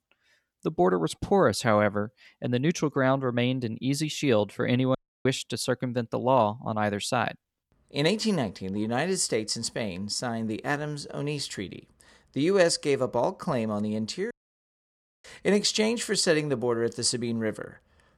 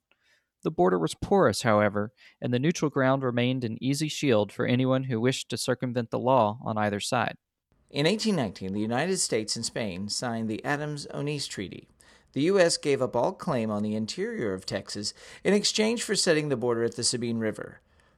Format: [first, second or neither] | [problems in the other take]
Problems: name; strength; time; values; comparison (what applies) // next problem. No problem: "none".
second | audio cutting out; at 5 s and at 14 s for 1 s